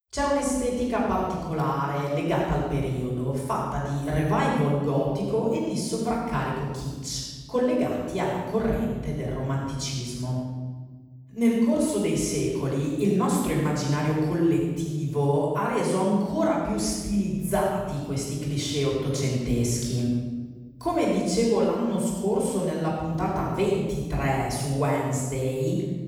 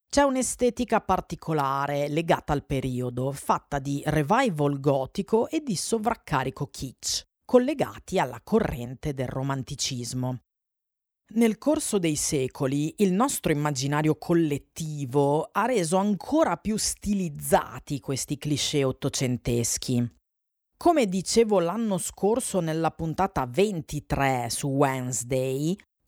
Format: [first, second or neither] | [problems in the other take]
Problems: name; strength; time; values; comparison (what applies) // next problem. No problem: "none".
second | off-mic speech; far // room echo; strong; dies away in 1.3 s